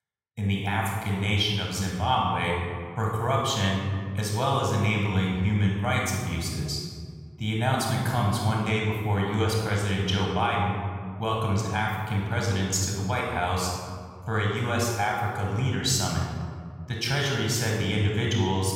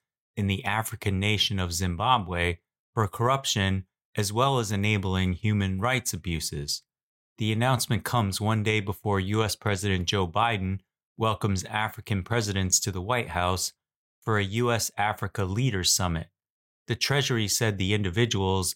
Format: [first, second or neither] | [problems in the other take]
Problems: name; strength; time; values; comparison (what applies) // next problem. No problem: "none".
second | off-mic speech; somewhat distant // room echo; noticeable; dies away in 1.8 s